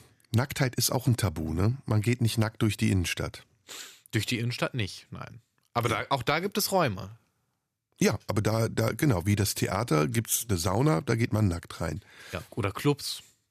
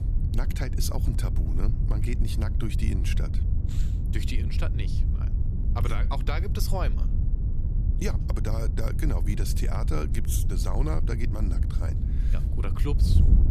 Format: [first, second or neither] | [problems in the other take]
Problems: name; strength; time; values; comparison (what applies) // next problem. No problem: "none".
first | wind noise on the microphone; heavy; 6 dB below the speech